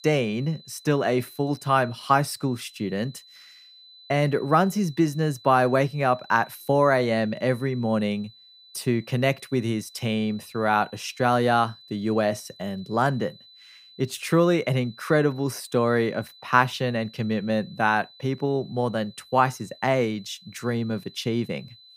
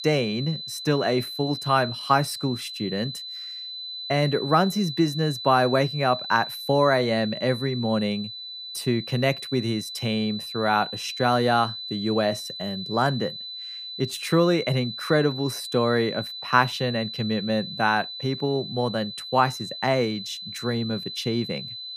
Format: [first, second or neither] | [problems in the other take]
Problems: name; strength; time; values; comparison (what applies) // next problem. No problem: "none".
first | high-pitched whine; loud; throughout; 4 kHz, 8 dB below the speech; faint in the first